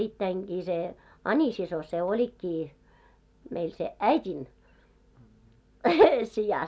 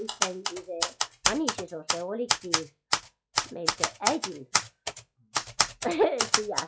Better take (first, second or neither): first